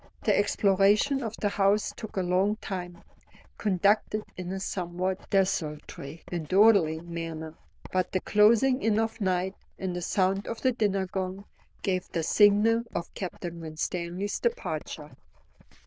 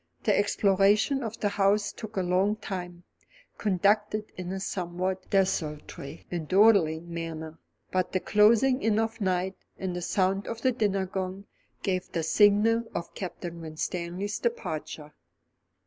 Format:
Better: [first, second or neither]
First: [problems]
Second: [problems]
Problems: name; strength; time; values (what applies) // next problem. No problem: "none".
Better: second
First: noise reduction (neural diffusion model UNIVERSE++)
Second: none